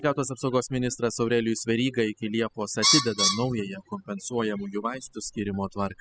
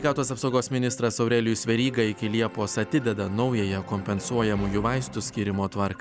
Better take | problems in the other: second | noise reduction (classical method spectral subtraction)

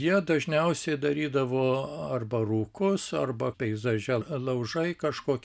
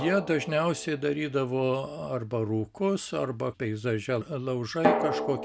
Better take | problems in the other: first | background sound (Drum); 6 dB below the speech

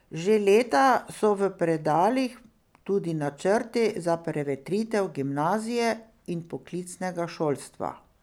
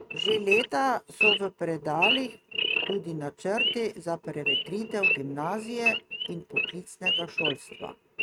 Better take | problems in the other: first | noise reduction (neural mask model RNNoise)

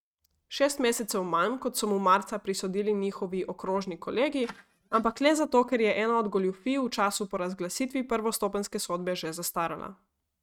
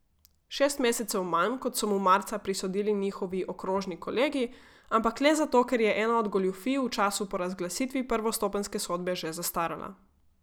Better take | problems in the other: second | noise reduction (neural mask model RNNoise)

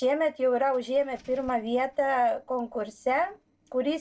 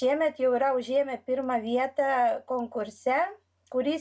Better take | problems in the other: second | noise reduction (neural separator model SepFormer DNS4)

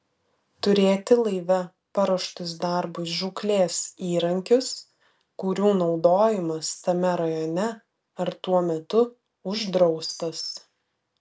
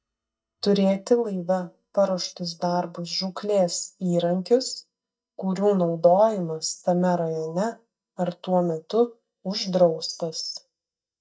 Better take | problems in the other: first | noise reduction (neural mask model DeepFilterNet 3)

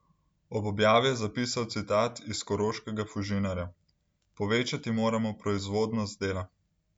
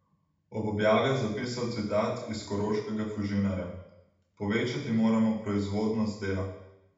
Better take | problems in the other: first | room echo; dies away in 0.8 s

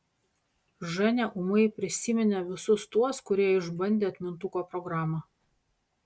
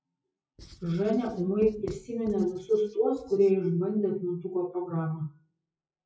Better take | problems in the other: first | noise reduction (classical method WPE with log-MMSE)

